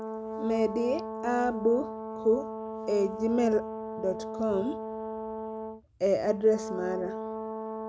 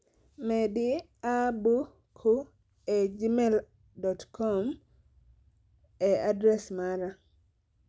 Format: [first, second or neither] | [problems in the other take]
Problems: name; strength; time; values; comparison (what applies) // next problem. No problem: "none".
second | background sound (Brass instrument); 7 dB below the speech